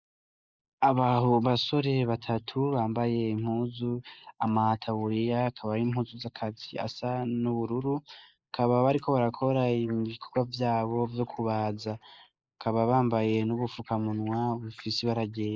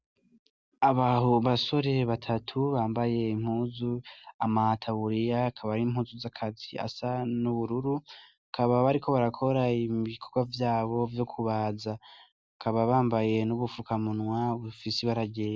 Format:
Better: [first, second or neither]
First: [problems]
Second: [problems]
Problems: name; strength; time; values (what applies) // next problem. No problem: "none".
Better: second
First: noise reduction (neural mask model Resemble Enhance denoiser)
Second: none